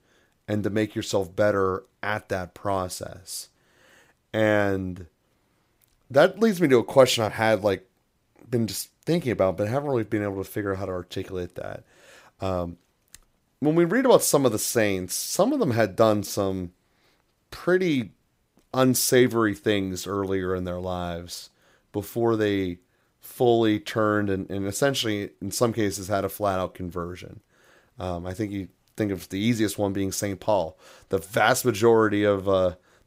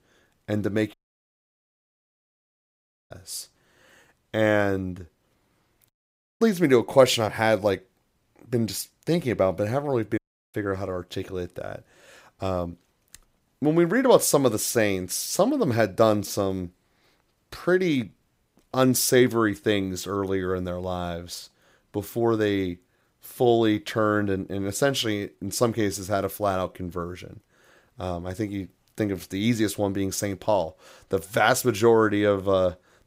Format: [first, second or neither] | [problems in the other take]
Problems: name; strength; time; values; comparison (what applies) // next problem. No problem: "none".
first | audio cutting out; at 1 s for 2 s, at 6 s for 0.5 s and at 10 s